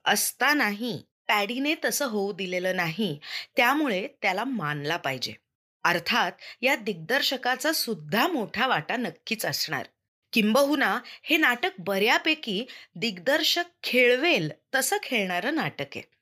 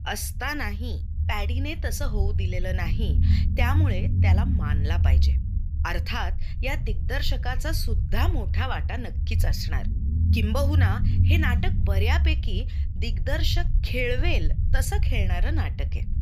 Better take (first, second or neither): first